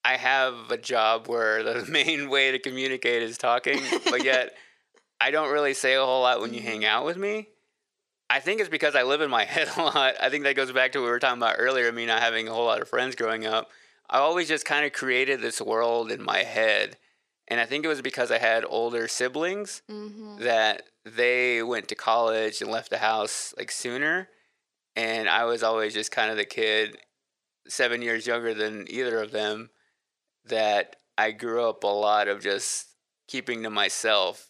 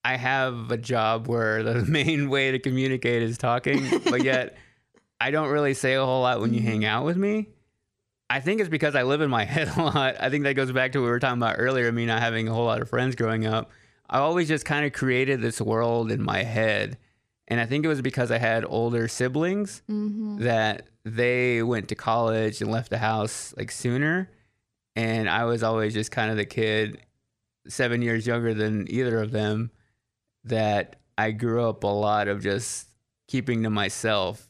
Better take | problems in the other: second | thin; somewhat; fading below 500 Hz

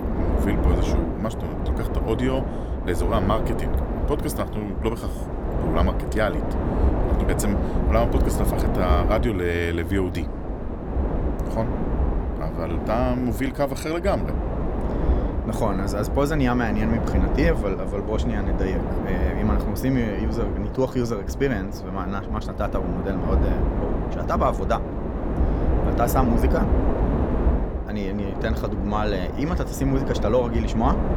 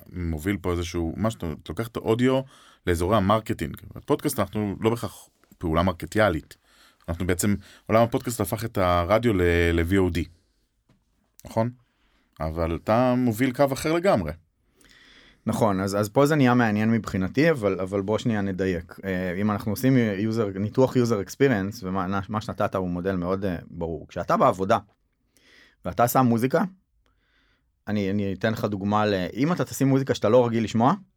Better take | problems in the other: second | wind noise on the microphone; heavy; 4 dB below the speech

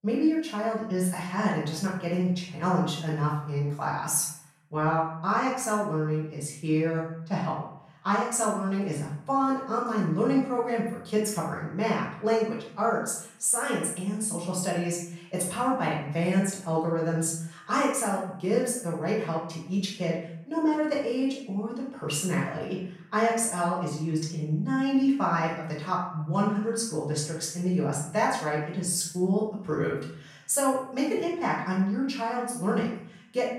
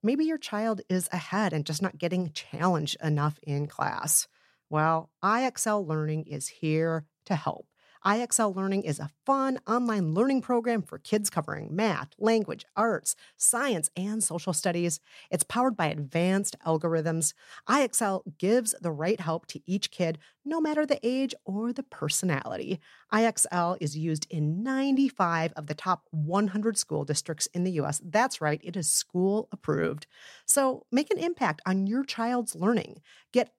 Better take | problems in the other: second | room echo; noticeable; dies away in 0.6 s // off-mic speech; far

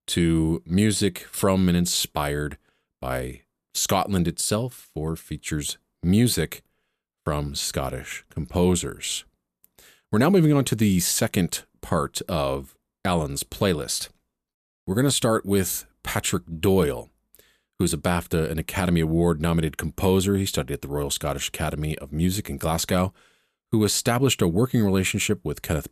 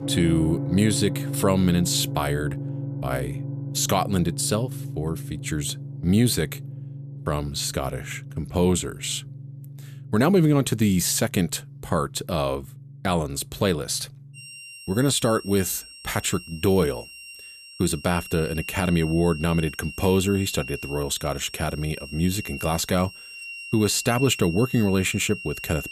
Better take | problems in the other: first | background music; noticeable; throughout; 10 dB below the speech

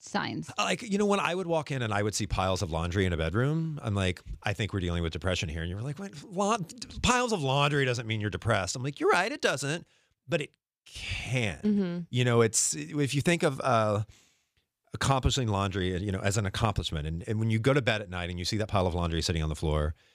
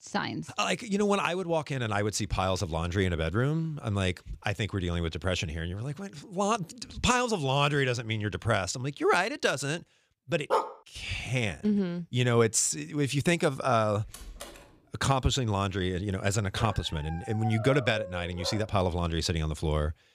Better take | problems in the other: first | dog barking; noticeable; at 11 s and from 17 to 19 s; peak 1 dB below the speech // door banging; faint; at 14 s; peak 15 dB below the speech

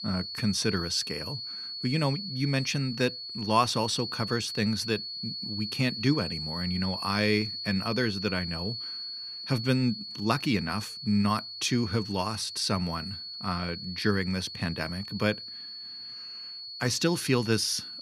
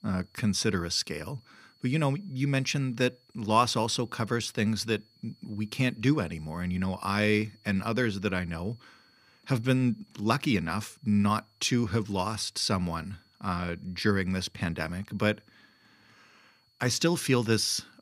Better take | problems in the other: second | high-pitched whine; loud; throughout; 4.5 kHz, 6 dB below the speech; faint in the second

